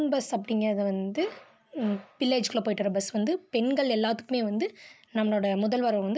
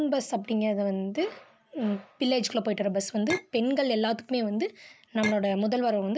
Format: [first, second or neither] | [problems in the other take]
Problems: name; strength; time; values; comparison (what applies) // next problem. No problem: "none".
first | background sound (Chink, clink); 10 dB below the speech